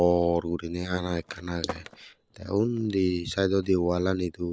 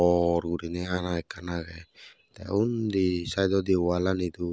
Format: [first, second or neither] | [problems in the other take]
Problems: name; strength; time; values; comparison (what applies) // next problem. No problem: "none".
second | noise reduction (neural mask model Resemble Enhance denoiser)